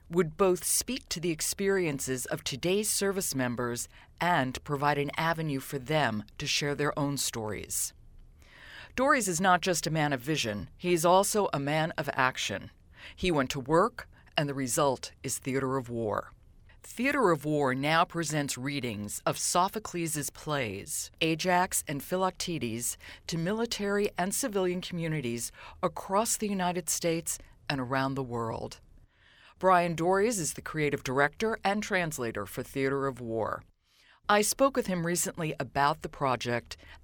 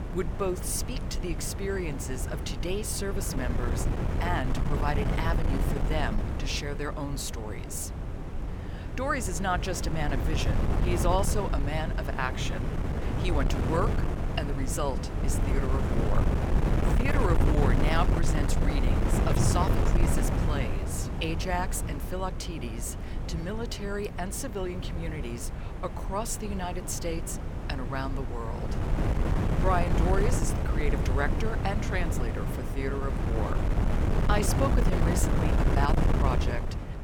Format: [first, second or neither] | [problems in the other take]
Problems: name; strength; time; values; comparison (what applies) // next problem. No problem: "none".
first | wind noise on the microphone; heavy; 3 dB below the speech